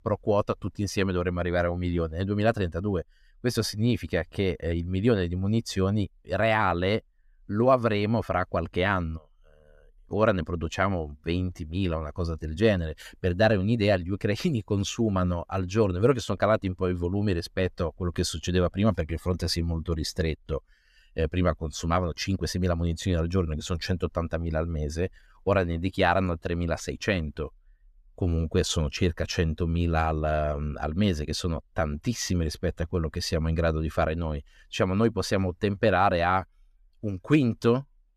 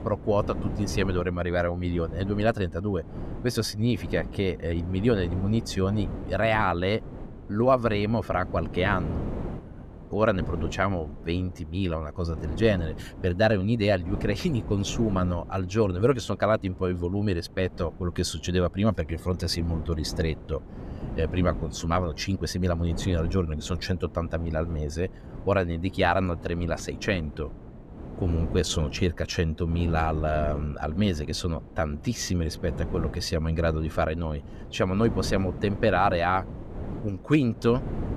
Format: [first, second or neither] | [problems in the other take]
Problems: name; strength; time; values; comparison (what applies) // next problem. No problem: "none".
first | wind noise on the microphone; occasional gusts; 15 dB below the speech